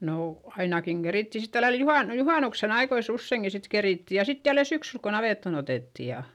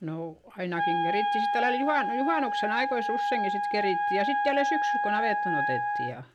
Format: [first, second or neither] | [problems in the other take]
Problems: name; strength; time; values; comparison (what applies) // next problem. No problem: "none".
first | background sound (Wind instrument, woodwind instrument); 3 dB above the speech